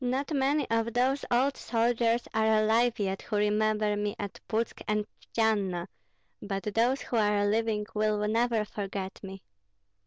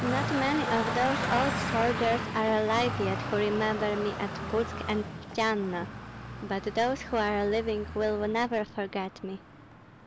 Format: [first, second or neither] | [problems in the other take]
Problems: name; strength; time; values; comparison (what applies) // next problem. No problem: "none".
first | background sound (Traffic noise, roadway noise); 5 dB below the speech